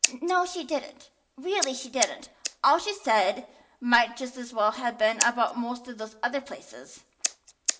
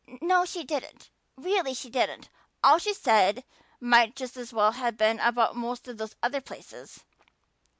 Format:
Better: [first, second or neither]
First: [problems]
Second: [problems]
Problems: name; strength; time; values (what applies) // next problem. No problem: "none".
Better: second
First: background sound (Scissors); 7 dB below the speech // room echo; dies away in 0.5 s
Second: none